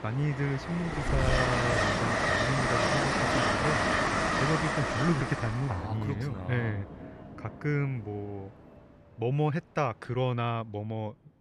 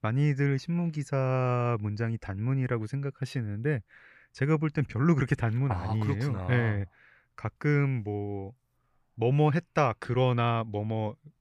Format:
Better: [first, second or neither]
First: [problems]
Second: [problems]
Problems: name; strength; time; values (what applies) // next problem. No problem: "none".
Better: second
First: train or aircraft noise; very loud; throughout; 4 dB above the speech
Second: none